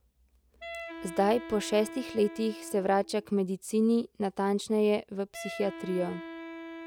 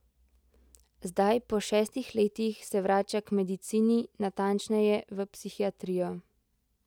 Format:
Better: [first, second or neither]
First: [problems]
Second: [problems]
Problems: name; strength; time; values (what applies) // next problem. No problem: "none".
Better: second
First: background sound (Wind instrument, woodwind instrument); 14 dB below the speech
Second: none